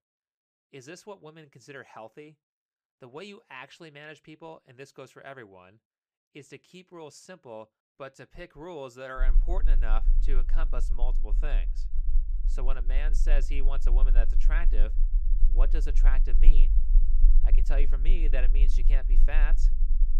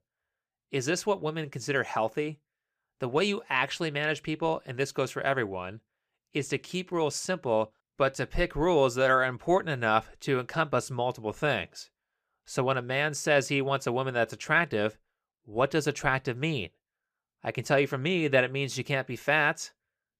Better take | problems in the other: second | low rumble; noticeable; from 9 s on; 15 dB below the speech

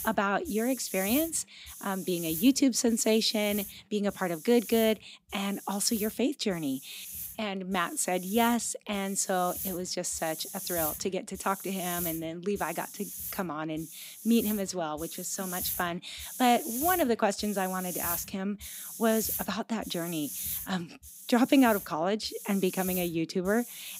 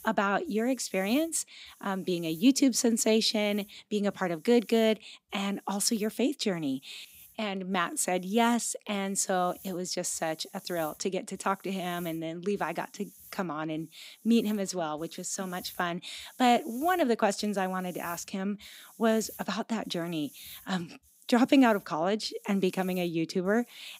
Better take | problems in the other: second | hiss; loud; throughout; 7 dB below the speech; faint in the second

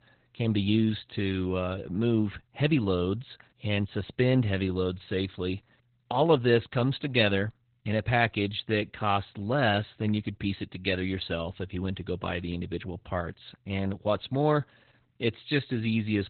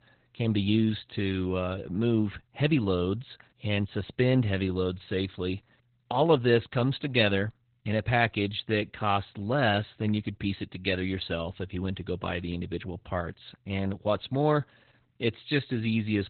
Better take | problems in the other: neither | garbled, watery; badly; nothing above 4 kHz; the same in both

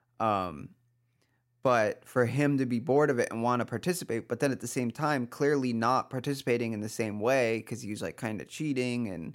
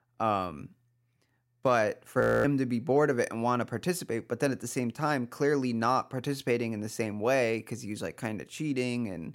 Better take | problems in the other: first | audio freezing; at 2 s

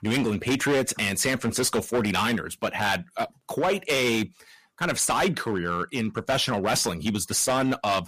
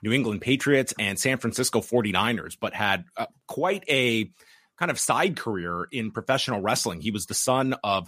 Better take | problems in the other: second | distortion; heavy; 10% of the sound clipped

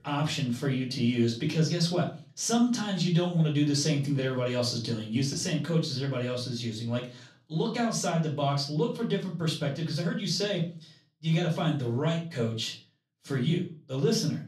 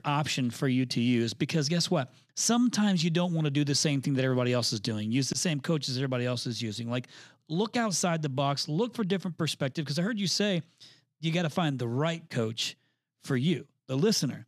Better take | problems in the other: second | off-mic speech; far // room echo; slight; dies away in 0.3 s

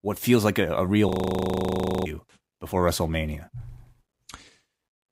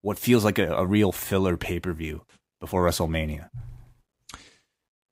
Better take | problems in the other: second | audio freezing; at 1 s for 1 s

